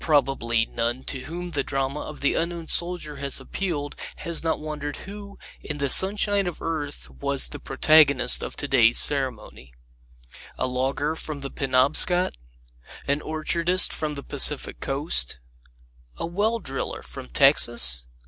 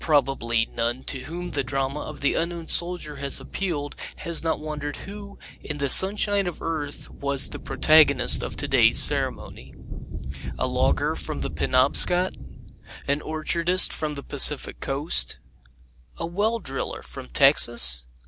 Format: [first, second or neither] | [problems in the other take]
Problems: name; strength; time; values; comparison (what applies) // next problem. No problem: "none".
first | background sound (Thunder); 8 dB below the speech